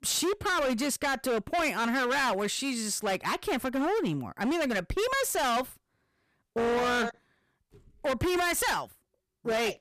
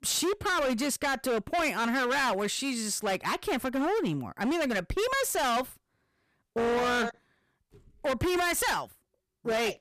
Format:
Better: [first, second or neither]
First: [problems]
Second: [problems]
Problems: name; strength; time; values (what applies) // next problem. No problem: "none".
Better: neither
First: distortion; heavy; 22% of the sound clipped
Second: distortion; heavy; 22% of the sound clipped